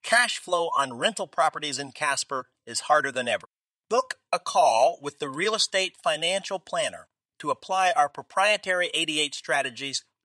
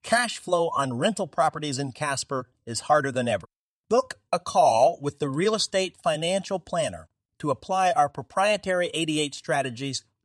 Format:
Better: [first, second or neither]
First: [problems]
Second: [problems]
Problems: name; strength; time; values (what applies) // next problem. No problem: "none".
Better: second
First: thin; somewhat; fading below 700 Hz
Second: none